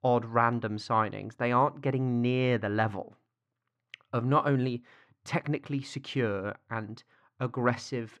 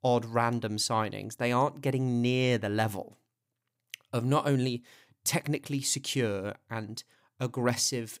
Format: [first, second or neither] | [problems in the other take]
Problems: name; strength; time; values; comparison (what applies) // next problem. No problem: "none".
second | muffled; very; fading above 2.5 kHz